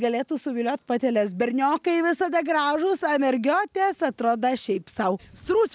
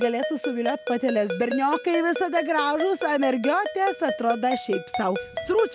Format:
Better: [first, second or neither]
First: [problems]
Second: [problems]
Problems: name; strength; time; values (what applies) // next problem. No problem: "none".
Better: first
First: none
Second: background sound (Ringtone); 8 dB below the speech